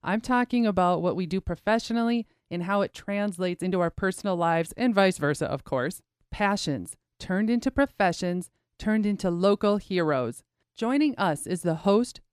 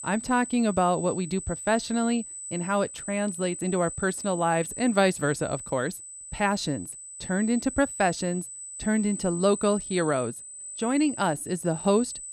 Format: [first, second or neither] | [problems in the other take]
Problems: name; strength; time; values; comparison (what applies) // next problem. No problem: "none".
first | high-pitched whine; loud; throughout; 8 kHz, 9 dB below the speech